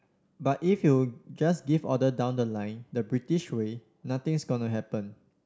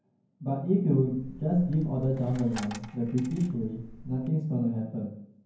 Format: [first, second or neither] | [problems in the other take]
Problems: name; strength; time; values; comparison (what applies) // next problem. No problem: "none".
first | background sound (Coin (dropping)); 17 dB below the speech // room echo; dies away in 0.9 s